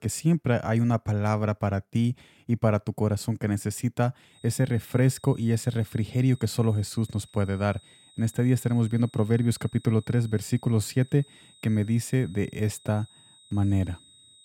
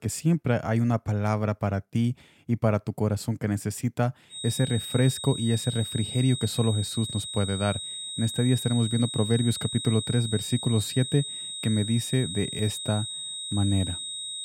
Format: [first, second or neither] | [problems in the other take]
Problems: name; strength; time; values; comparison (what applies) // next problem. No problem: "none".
first | high-pitched whine; loud; from 4.5 s on; 4 kHz, 6 dB below the speech; faint in the first